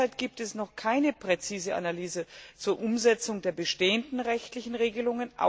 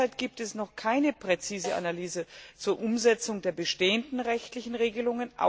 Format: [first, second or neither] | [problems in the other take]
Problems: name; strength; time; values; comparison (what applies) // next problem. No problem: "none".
first | background sound (Snare drum); 17 dB below the speech